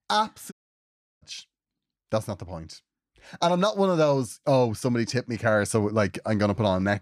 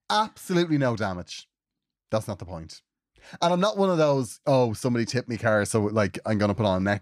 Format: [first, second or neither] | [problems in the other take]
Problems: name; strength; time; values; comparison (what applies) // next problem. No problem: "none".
second | audio cutting out; at 0.5 s for 0.5 s